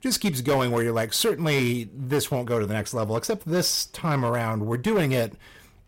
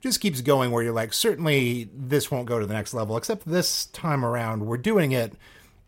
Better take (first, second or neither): second